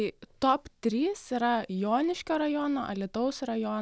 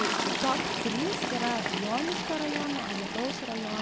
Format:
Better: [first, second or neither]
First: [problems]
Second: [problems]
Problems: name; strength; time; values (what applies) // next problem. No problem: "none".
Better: first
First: none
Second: background sound (Toilet flush); 1 dB above the speech